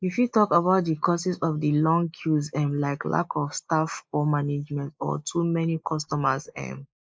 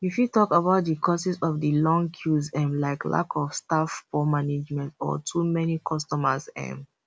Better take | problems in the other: second | noise reduction (neural mask model Resemble Enhance denoiser)

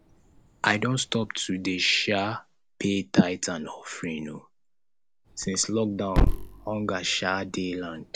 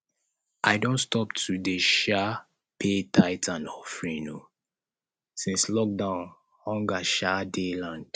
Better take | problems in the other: second | background sound (Thump, thud); 5 dB below the speech

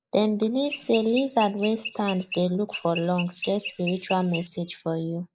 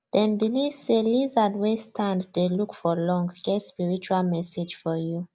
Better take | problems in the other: second | noise reduction (neural mask model Resemble Enhance denoiser)

